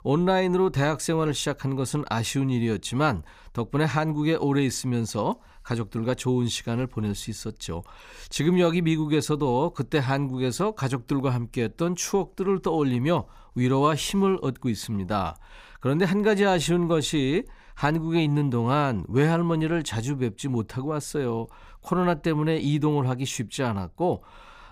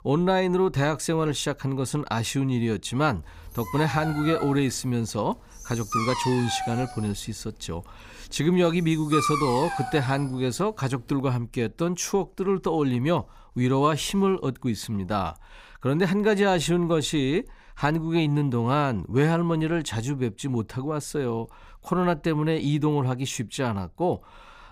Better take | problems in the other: first | dog barking; noticeable; from 3.5 to 10 s; peak level with the speech

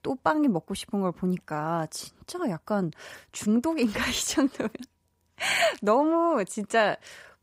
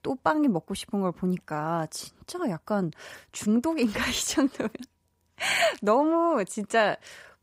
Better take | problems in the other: neither | none

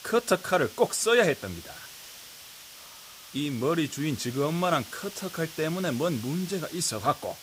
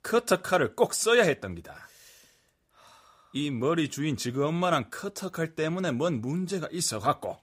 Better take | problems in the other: second | hiss; noticeable; throughout; 15 dB below the speech

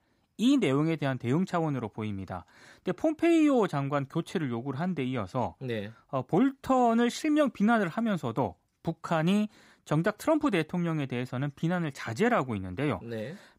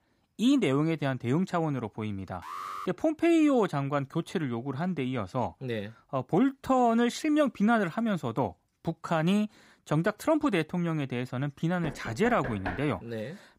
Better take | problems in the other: first | alarm; noticeable; at 2.5 s; peak 9 dB below the speech // door banging; noticeable; at 12 s; peak 8 dB below the speech

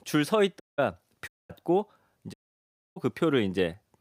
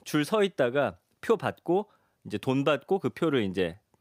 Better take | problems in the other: second | audio cutting out; at 0.5 s, at 1.5 s and at 2.5 s for 0.5 s

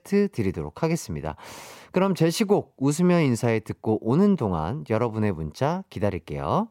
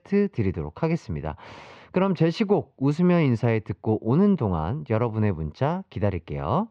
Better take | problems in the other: first | muffled; slightly; fading above 4 kHz

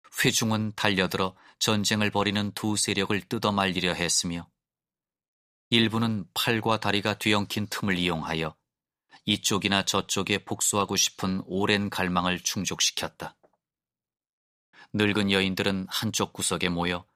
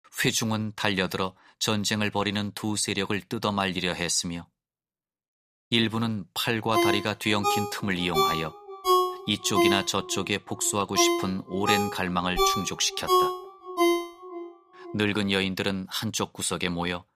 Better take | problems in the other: first | phone ringing; loud; from 6.5 to 14 s; peak 4 dB above the speech

